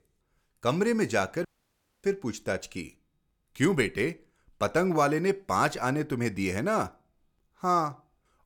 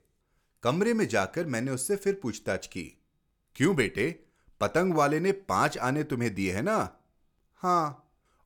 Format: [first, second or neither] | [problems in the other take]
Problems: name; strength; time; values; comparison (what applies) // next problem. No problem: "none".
second | audio cutting out; at 1.5 s for 0.5 s